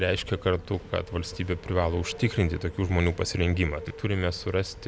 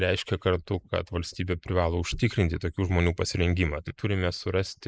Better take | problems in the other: first | noise reduction (neural mask model Resemble Enhance denoiser)

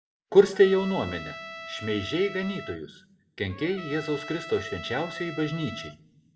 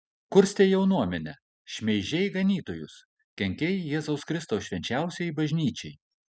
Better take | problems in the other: second | background sound (Trumpet); 14 dB below the speech // room echo; dies away in 0.5 s

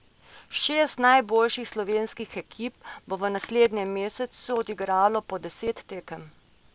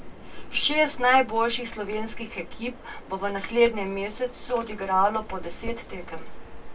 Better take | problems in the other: first | background sound (Bird vocalization, bird call, bird song); 19 dB below the speech // room echo; dies away in 0.1 s

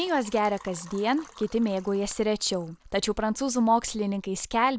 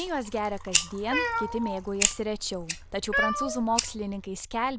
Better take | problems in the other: first | background sound (Cat + Fire); as loud as the speech

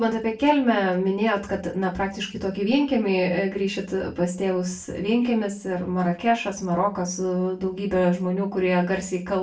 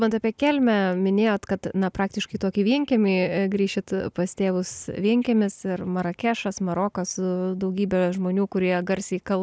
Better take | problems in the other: second | room echo; dies away in 0.3 s

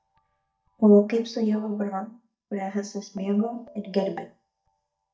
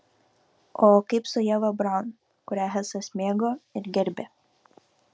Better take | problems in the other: second | noise reduction (neural mask model DeepFilterNet 3)

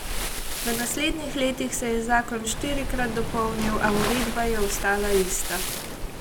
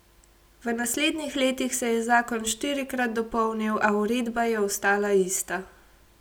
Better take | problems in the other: second | background sound (Waves, surf); 2 dB below the speech

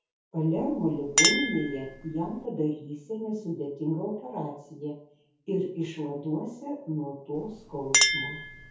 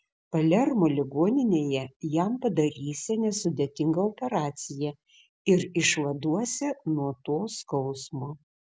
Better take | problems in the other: second | background sound (Chink, clink); 1 dB below the speech // room echo; dies away in 0.6 s

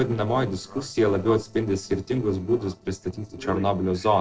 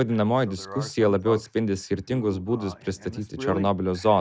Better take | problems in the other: second | noise reduction (neural separator model SepFormer DNS4)

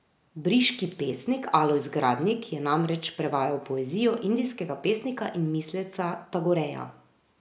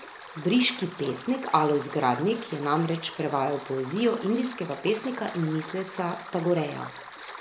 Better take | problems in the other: first | background sound (Stream); 15 dB below the speech

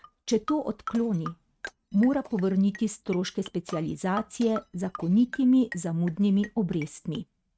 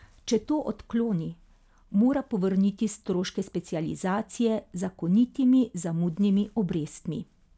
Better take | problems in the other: second | noise reduction (neural mask model RNNoise)

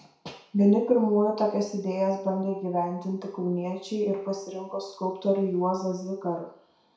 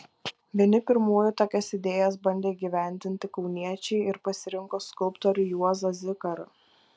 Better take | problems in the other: second | room echo; dies away in 0.6 s

